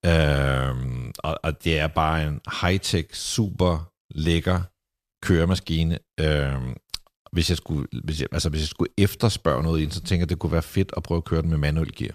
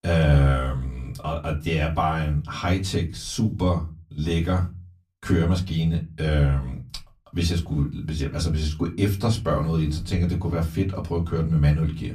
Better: first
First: none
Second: off-mic speech; far // room echo; very slight; dies away in 0.3 s

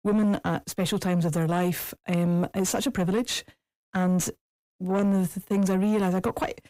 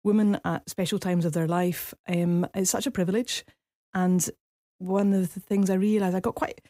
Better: second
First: distortion; slight; 10 dB below the speech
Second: none

